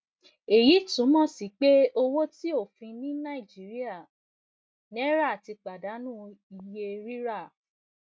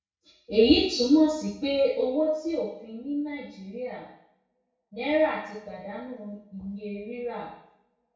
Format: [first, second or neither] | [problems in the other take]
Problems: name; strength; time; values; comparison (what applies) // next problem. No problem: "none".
first | room echo; dies away in 0.6 s